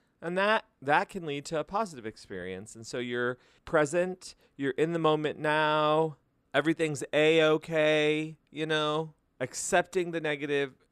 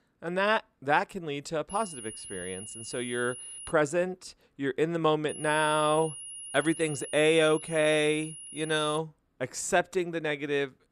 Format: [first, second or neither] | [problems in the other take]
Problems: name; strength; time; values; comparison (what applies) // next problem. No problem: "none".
first | high-pitched whine; noticeable; from 1.5 to 3.5 s and from 5.5 to 9 s; 10.5 kHz, 10 dB below the speech